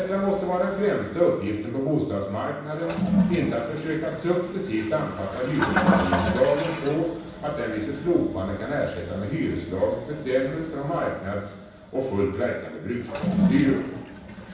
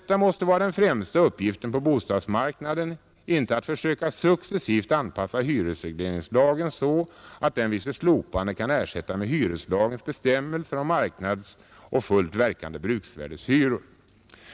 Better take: second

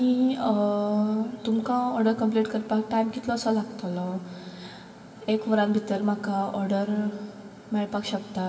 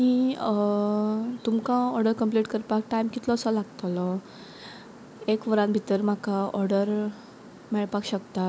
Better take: second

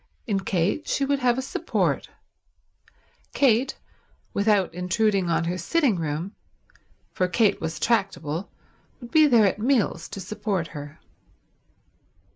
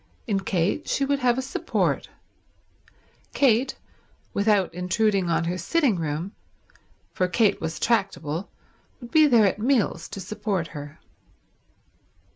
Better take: second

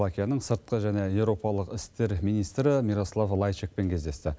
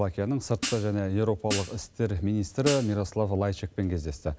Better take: first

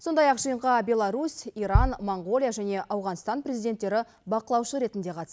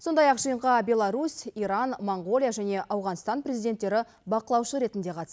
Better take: second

